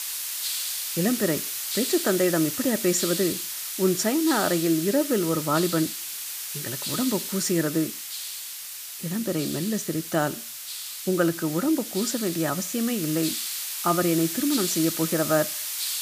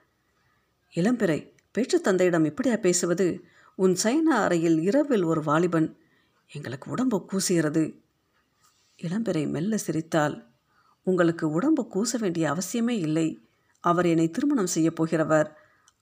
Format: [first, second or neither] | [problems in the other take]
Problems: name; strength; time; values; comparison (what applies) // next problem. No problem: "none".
second | hiss; loud; throughout; 4 dB below the speech